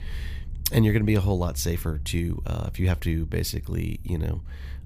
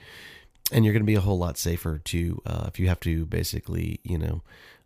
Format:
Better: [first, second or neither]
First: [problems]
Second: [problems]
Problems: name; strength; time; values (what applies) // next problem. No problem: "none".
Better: second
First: low rumble; faint; throughout; 25 dB below the speech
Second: none